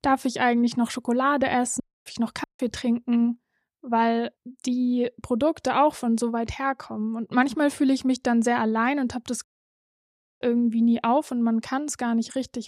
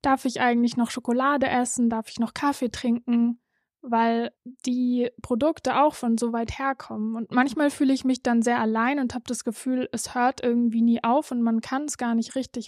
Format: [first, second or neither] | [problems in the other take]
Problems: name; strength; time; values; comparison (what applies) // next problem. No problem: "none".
second | audio cutting out; at 2 s, at 2.5 s and at 9.5 s for 1 s